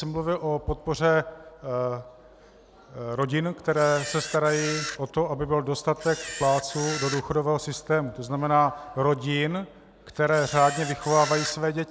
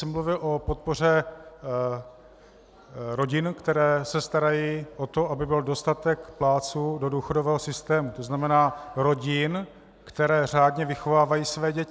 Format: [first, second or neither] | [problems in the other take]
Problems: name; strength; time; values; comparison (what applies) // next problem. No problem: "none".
second | background sound (Camera); 9 dB below the speech